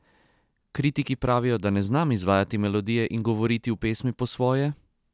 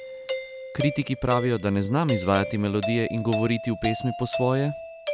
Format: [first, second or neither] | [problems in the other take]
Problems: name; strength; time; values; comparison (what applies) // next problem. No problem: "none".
first | background sound (Doorbell); 7 dB below the speech